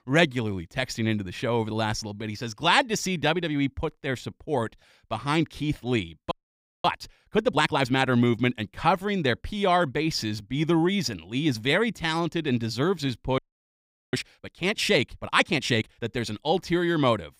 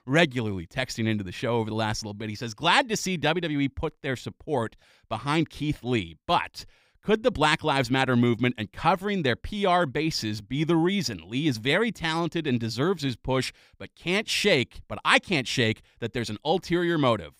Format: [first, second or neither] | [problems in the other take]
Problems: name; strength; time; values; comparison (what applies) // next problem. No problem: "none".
second | audio freezing; at 6.5 s for 0.5 s and at 13 s for 1 s